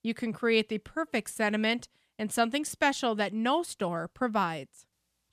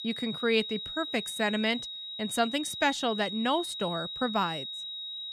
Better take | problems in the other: first | high-pitched whine; loud; throughout; 4 kHz, 6 dB below the speech

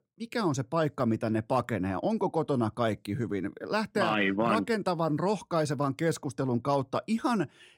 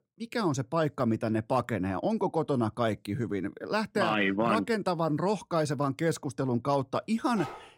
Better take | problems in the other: first | dog barking; faint; at 7.5 s; peak 15 dB below the speech

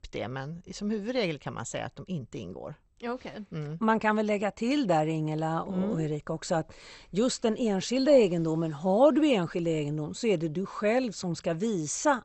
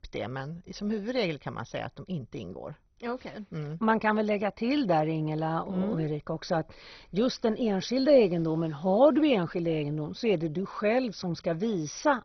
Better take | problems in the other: first | garbled, watery; badly; nothing above 6 kHz; slightly in the first

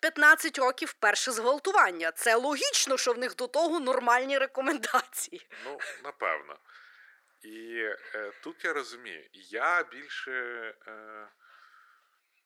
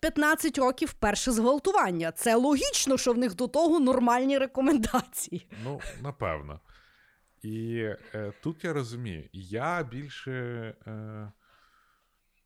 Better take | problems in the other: second | thin; very; fading below 350 Hz

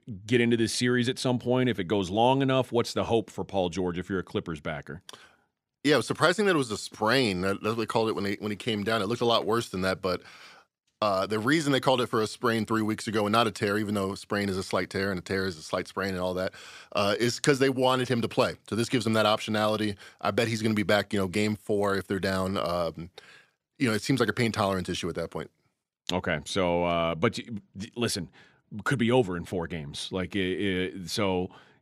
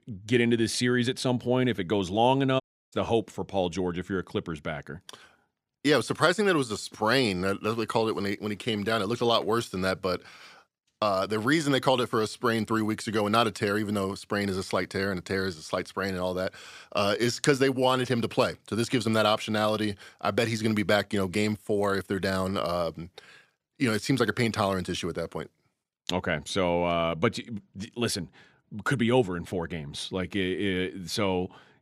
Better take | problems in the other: first | audio cutting out; at 2.5 s

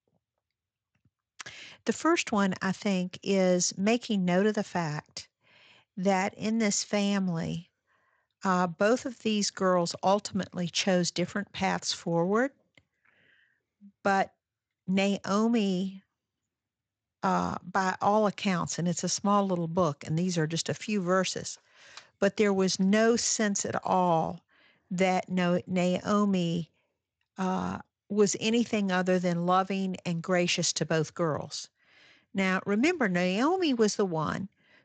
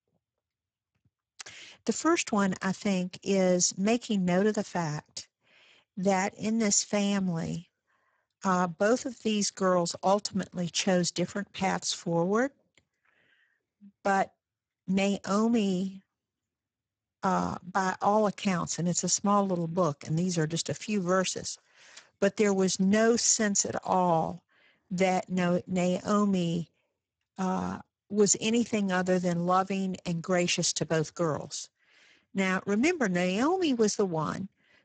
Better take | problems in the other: first | garbled, watery; badly; nothing above 7.5 kHz; slightly in the first

